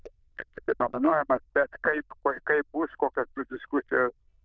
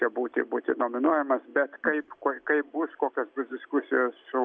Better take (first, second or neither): second